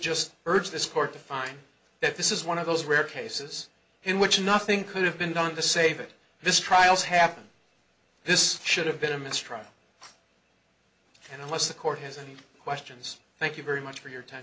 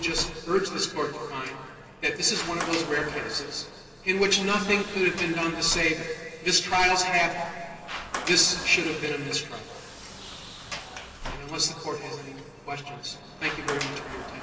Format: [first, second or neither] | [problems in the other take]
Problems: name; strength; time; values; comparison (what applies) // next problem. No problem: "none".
first | background sound (Sliding door); 11 dB below the speech // room echo; dies away in 2.5 s